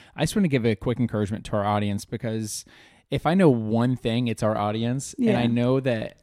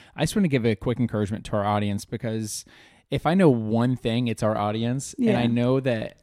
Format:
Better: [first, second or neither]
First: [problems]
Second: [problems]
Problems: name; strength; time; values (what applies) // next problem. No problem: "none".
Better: neither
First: none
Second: none